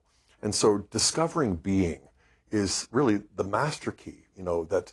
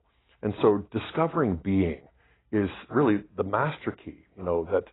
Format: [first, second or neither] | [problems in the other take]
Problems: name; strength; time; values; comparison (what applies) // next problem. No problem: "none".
first | garbled, watery; badly; nothing above 4 kHz; slightly in the first